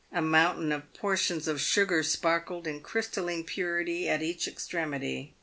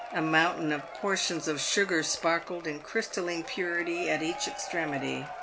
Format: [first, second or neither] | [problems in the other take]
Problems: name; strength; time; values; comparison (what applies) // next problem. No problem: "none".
first | background sound (Applause / Crowd / Cheering); 11 dB below the speech